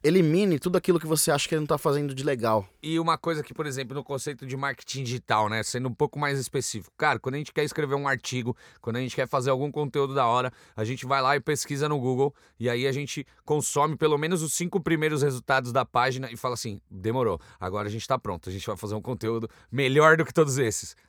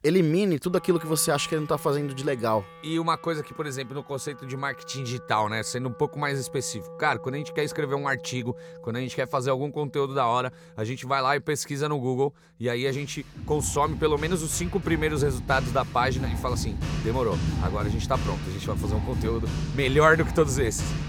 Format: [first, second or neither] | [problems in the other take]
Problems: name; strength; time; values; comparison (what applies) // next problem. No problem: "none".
first | background music; loud; throughout; 7 dB below the speech